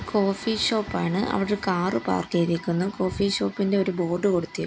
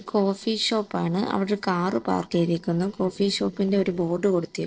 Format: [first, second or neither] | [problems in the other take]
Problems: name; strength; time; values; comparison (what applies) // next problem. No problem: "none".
first | noise reduction (neural separator model SepFormer DNS4)